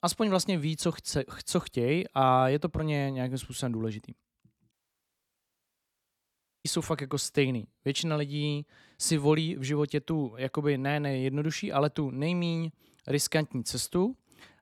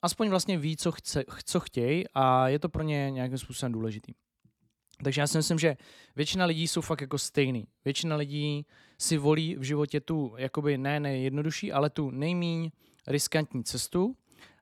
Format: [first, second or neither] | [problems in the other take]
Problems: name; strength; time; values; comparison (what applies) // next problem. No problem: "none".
second | audio cutting out; at 4.5 s for 2 s